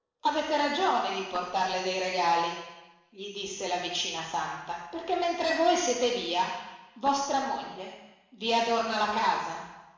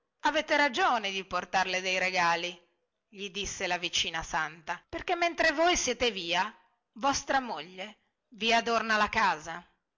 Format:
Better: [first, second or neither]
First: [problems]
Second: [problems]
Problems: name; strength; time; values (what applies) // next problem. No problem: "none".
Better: second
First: noise reduction (neural separator model SepFormer DNS4)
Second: none